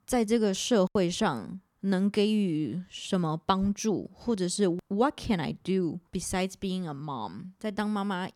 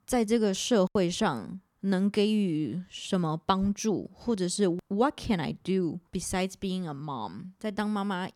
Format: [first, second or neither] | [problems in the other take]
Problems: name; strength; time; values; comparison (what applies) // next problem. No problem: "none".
neither | none